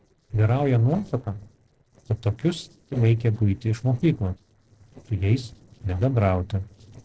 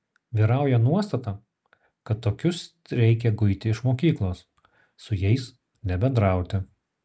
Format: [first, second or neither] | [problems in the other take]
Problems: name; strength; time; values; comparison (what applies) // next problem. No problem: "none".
second | noise reduction (neural separator model SepFormer DNS4)